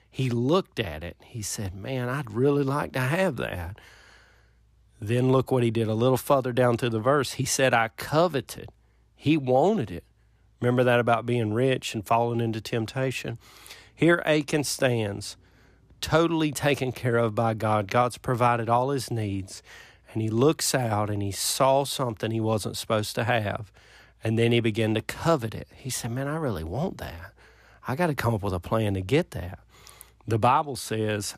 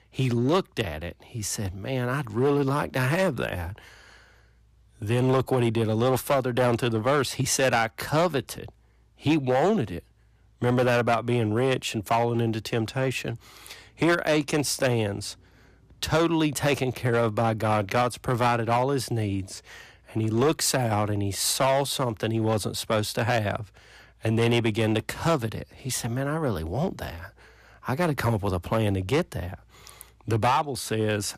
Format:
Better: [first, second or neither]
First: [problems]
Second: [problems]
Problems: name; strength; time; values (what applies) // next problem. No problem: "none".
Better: first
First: none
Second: distortion; slight; 5% of the sound clipped